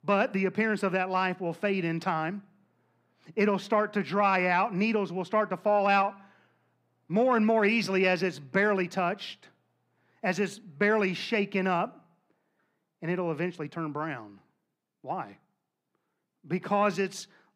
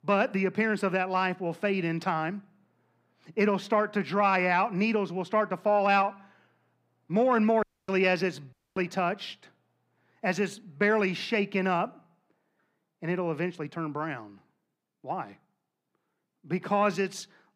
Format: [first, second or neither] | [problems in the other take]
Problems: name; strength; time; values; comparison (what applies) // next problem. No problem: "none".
first | audio cutting out; at 7.5 s and at 8.5 s